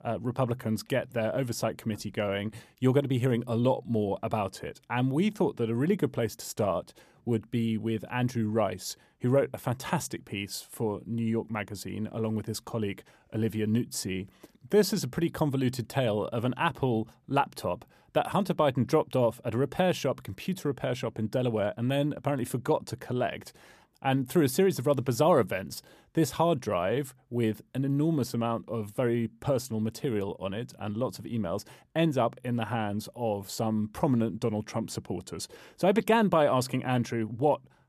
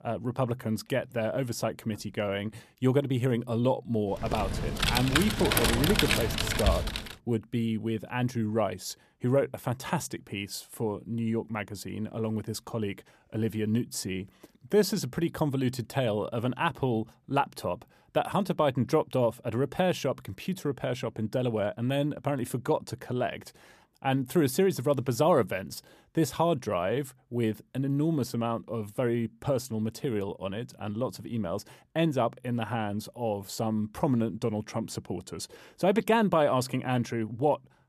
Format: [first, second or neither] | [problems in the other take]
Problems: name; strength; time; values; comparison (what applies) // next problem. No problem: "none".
first | keyboard typing; loud; from 4 to 7 s; peak 5 dB above the speech